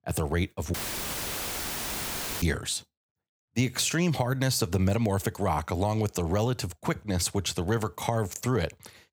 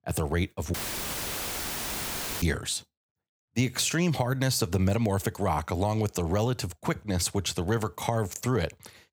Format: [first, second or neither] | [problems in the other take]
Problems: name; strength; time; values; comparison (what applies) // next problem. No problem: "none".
neither | audio cutting out; filled with static; at 0.5 s for 1.5 s; the same in both